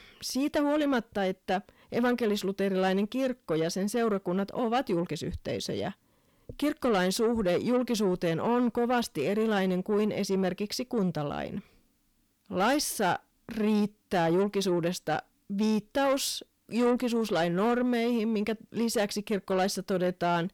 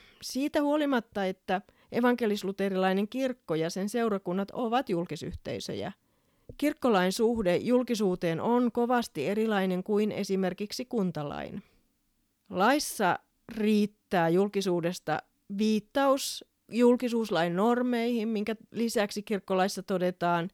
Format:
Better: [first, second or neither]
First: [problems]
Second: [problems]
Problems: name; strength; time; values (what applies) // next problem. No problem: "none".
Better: second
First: distortion; slight; 10 dB below the speech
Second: none